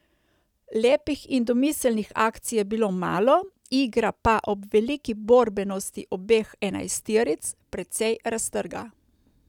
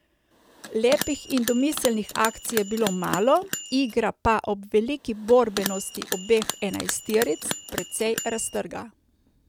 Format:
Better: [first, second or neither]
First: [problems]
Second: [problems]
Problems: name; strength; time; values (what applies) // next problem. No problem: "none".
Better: first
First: none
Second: background sound (Bell); 10 dB below the speech